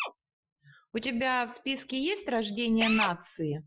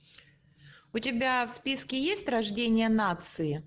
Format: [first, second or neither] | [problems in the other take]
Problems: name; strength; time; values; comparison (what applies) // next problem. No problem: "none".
second | noise reduction (classical method Wiener filter)